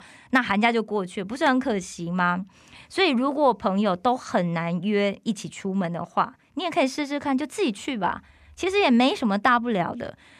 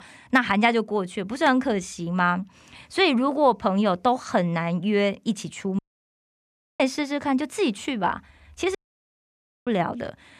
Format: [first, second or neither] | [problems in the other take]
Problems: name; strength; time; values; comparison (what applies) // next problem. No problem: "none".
first | audio cutting out; at 6 s for 1 s and at 9 s for 1 s